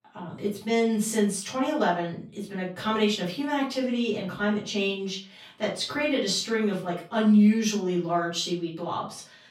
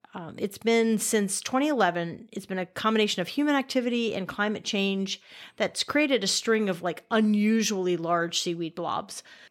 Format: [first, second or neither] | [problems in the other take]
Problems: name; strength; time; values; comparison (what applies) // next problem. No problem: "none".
second | off-mic speech; far // room echo; slight; dies away in 0.3 s